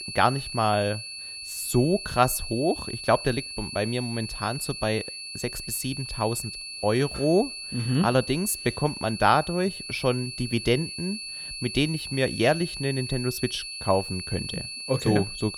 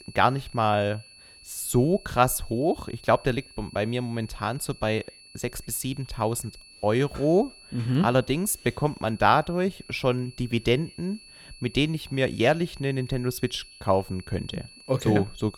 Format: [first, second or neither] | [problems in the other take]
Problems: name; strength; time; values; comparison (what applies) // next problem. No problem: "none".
second | high-pitched whine; loud; throughout; 4.5 kHz, 8 dB below the speech; faint in the second